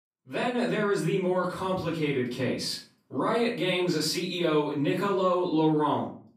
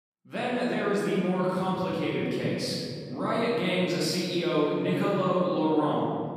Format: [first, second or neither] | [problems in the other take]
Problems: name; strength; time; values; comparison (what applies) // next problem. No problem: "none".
first | room echo; strong; dies away in 3 s; slight in the first // off-mic speech; far; far in the first